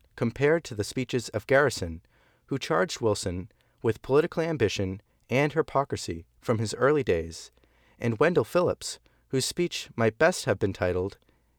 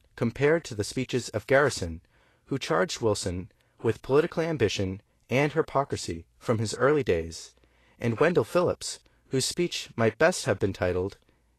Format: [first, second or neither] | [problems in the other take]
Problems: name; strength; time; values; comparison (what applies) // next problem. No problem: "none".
first | garbled, watery; slightly; nothing above 12.5 kHz